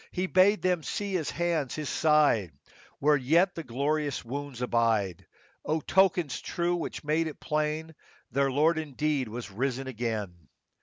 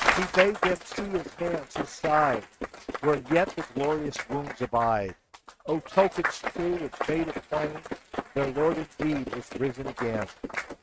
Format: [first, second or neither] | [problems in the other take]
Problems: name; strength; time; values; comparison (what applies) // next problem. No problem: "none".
first | noise reduction (neural mask model RNNoise)